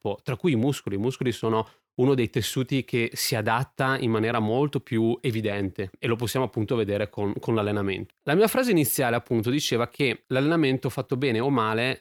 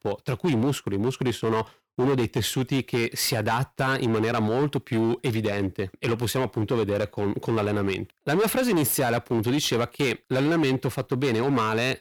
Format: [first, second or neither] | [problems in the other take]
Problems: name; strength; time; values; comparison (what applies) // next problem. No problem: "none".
first | distortion; slight; 14% of the sound clipped